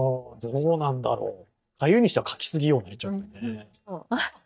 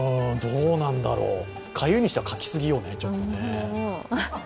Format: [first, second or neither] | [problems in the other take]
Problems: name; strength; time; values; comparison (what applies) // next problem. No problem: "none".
second | noise reduction (neural mask model DeepFilterNet 3)